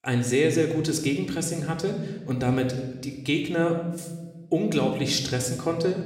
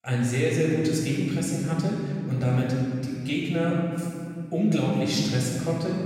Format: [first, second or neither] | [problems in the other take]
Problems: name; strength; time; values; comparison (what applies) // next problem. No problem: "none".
first | room echo; strong; dies away in 2.5 s; slight in the first // off-mic speech; far; somewhat distant in the first